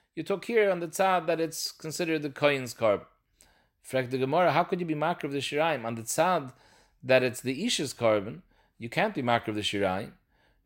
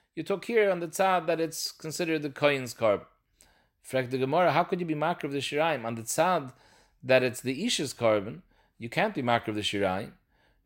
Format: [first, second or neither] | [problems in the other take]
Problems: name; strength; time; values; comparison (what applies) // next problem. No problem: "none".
neither | none